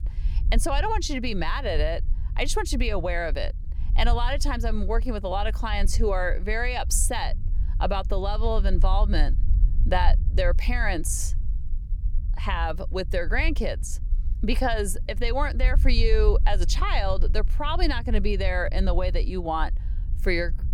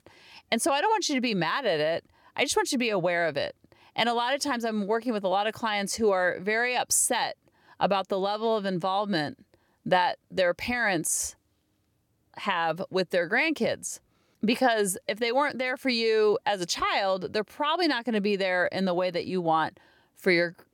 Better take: second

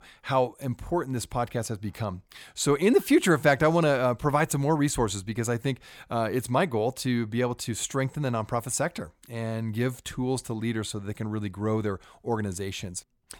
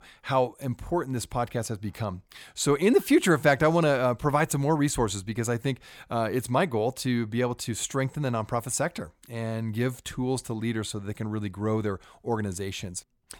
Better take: neither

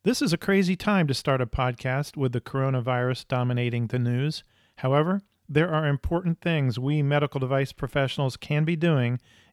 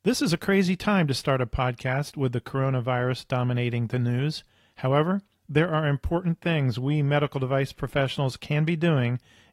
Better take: first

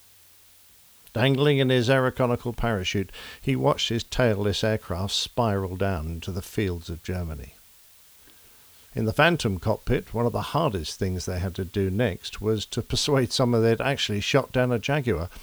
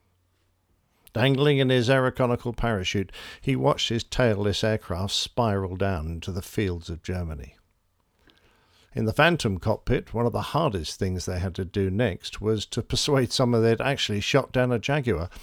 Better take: second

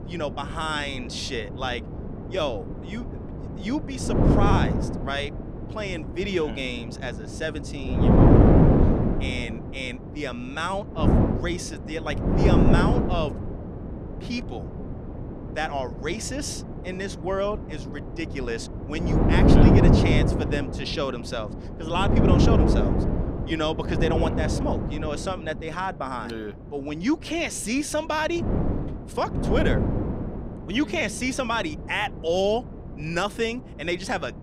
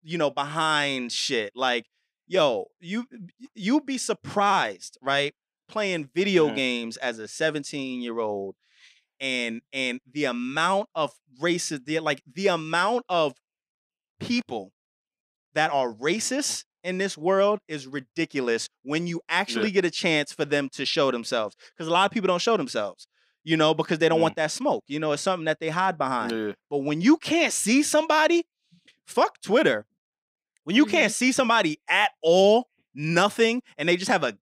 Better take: second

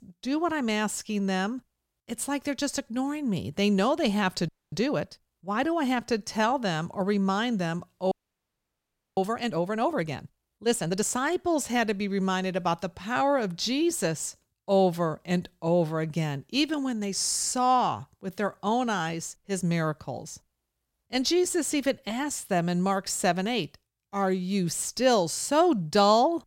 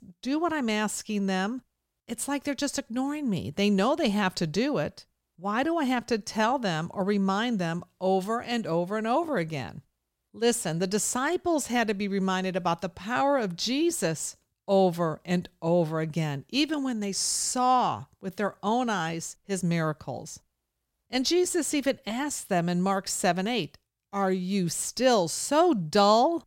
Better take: second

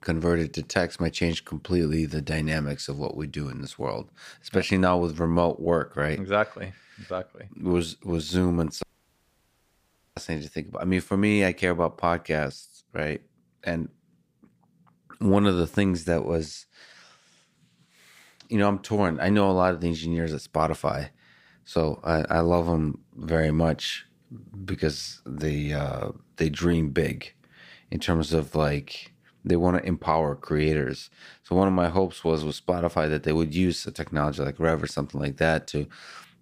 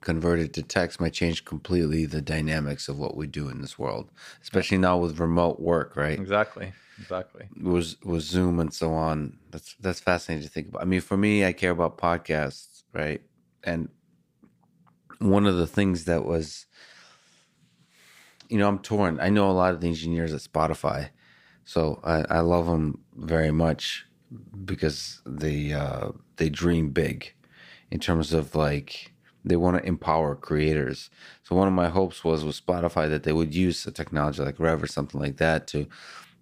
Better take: second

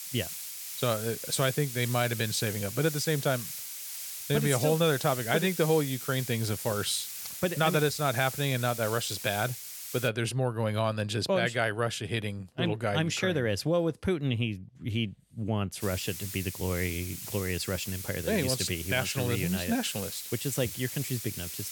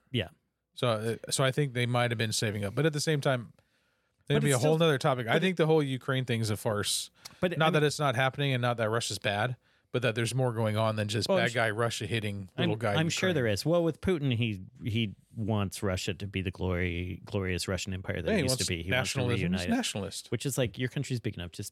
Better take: second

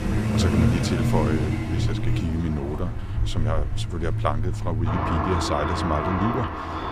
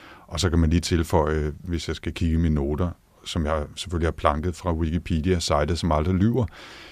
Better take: second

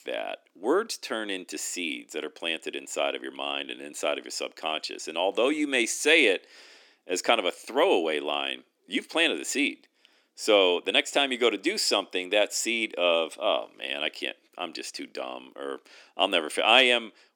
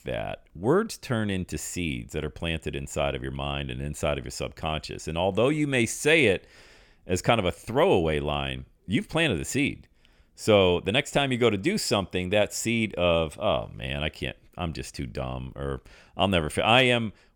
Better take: second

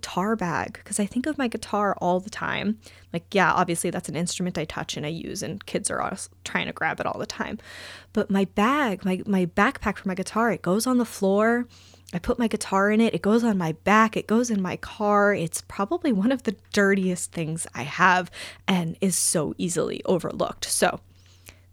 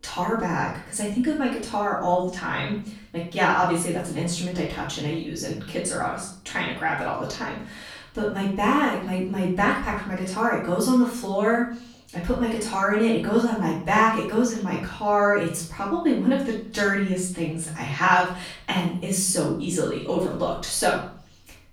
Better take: first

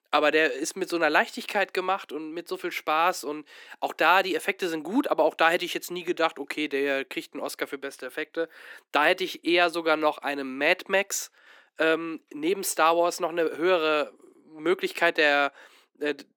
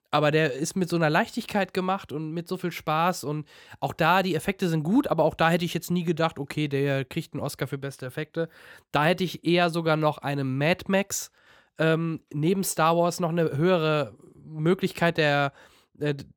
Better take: second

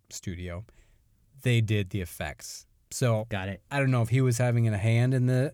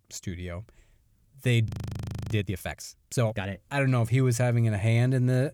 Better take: first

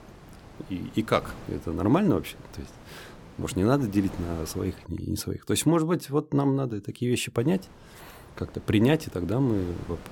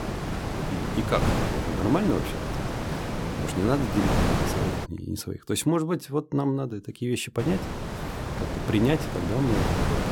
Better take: first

